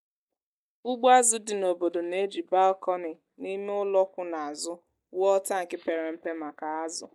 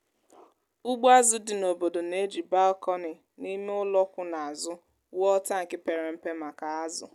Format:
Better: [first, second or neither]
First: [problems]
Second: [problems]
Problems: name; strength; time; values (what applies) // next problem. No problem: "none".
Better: second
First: noise reduction (neural mask model DeepFilterNet 3)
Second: none